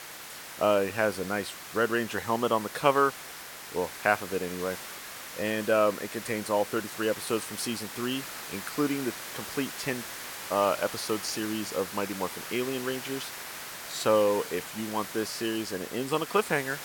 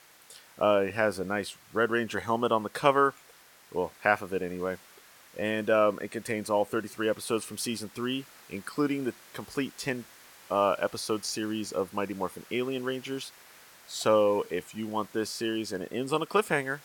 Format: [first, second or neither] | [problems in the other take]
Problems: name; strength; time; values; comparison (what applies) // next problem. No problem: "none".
second | hiss; loud; throughout; 9 dB below the speech; faint in the second